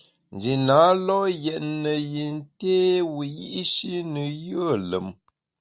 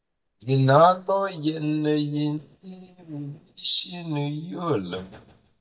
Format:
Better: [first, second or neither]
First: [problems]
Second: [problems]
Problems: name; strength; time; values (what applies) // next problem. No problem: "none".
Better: first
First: none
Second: noise reduction (neural mask model DeepFilterNet 3)